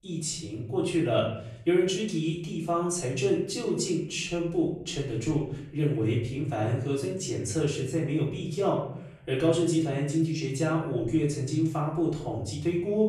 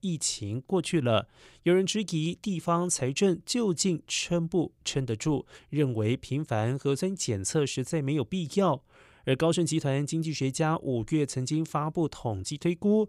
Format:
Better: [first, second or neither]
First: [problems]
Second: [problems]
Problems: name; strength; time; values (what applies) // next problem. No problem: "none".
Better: second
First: room echo; noticeable; dies away in 0.7 s // off-mic speech; far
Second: none